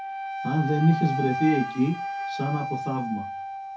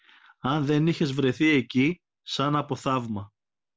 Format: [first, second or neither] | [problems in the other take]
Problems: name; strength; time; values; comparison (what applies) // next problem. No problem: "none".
second | background sound (Wind instrument, woodwind instrument); 5 dB below the speech // room echo; dies away in 0.3 s